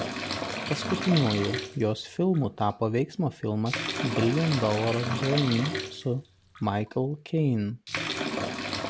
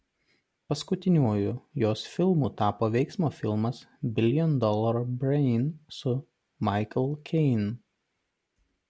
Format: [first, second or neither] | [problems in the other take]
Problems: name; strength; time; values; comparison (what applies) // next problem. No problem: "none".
second | background sound (Bathtub (filling or washing) / Liquid); 6 dB below the speech